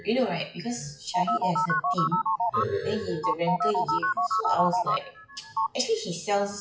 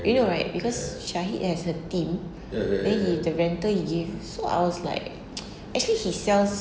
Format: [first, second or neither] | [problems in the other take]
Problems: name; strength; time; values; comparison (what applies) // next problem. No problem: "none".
second | noise reduction (classical method WPE with log-MMSE)